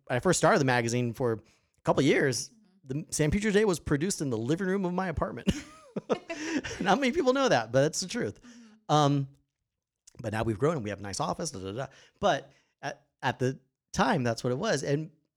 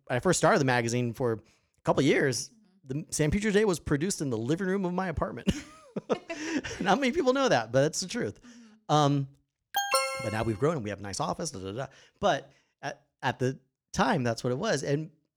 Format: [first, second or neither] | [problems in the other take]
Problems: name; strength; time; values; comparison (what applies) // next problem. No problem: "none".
first | alarm; loud; at 9.5 s; peak 2 dB above the speech